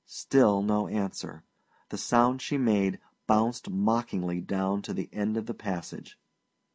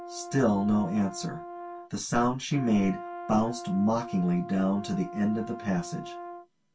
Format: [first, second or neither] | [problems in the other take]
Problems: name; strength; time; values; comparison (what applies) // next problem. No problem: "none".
first | background sound (Brass instrument); 13 dB below the speech // room echo; dies away in 0.1 s